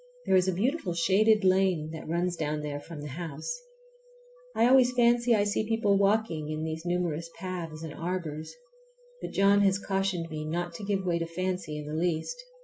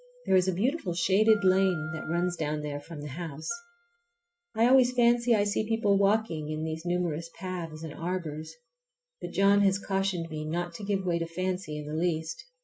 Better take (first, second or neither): first